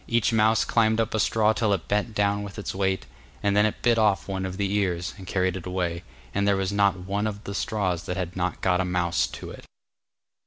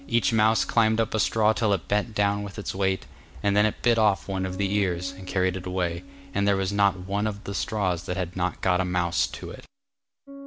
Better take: first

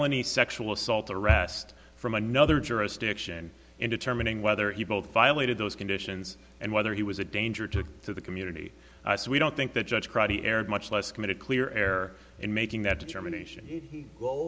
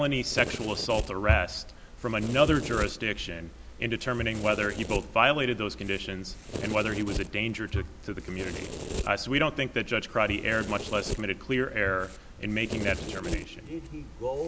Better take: first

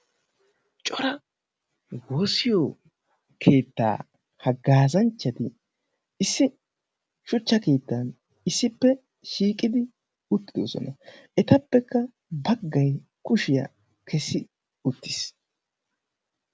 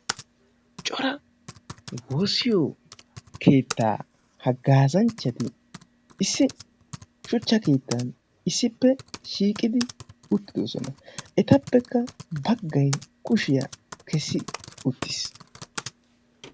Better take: first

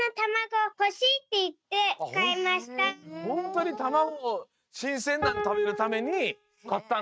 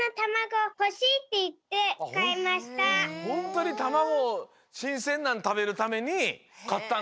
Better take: second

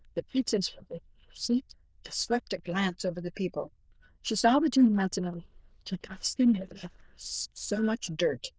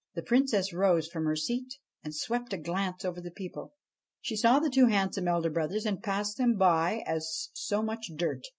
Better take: second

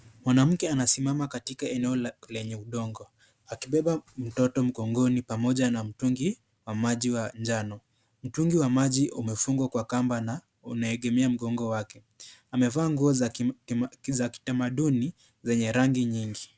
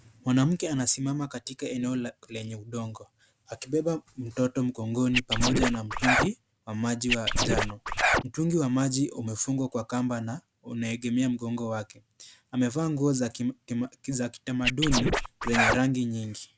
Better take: first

